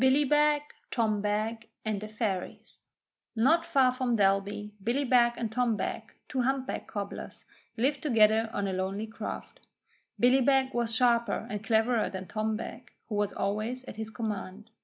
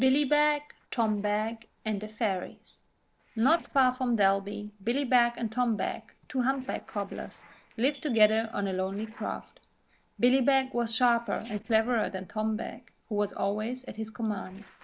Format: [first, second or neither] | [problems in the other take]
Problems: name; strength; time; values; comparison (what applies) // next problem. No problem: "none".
first | noise reduction (neural separator model SepFormer DNS4)